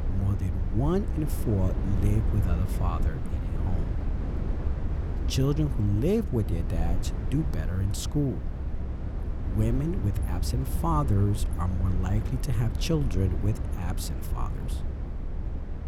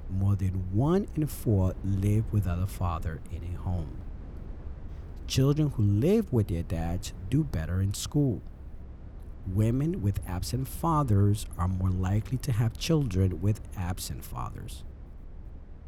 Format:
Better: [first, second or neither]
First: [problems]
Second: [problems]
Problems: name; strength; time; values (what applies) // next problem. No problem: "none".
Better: second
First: low rumble; loud; throughout; 8 dB below the speech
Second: low rumble; faint; throughout; 20 dB below the speech